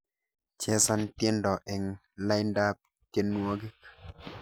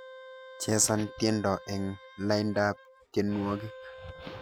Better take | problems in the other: first | background sound (Wind instrument, woodwind instrument); 17 dB below the speech

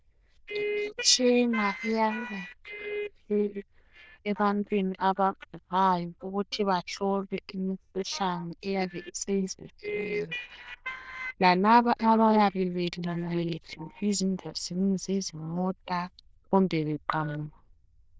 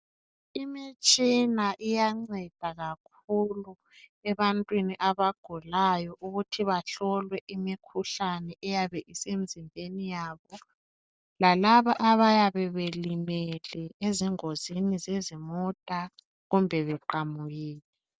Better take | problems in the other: second | noise reduction (neural diffusion model UNIVERSE++)

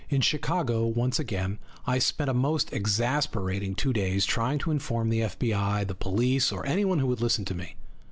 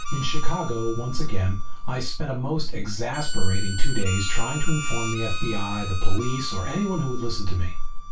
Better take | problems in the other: first | background sound (Harmonica); 17 dB below the speech // room echo; dies away in 0.2 s

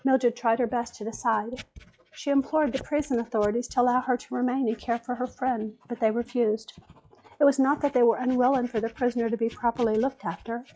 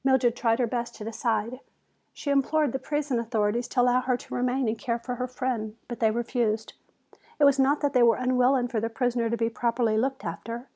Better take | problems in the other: second | noise reduction (classical method log-MMSE)

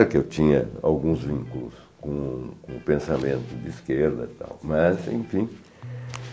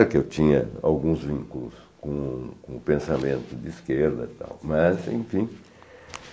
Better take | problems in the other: second | background sound (Electric guitar); 17 dB below the speech

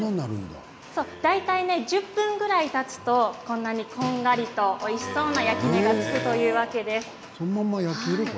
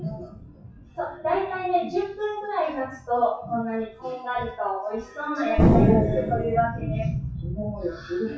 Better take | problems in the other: first | noise reduction (classical method WPE with log-MMSE)

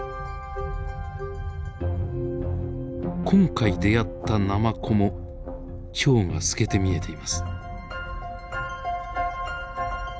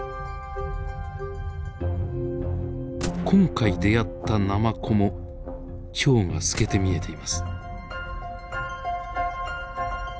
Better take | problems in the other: first | background sound (Gunshot, gunfire); 16 dB below the speech

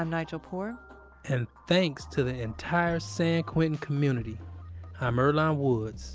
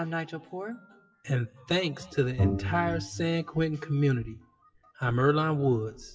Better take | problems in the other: first | noise reduction (classical method WPE with log-MMSE)

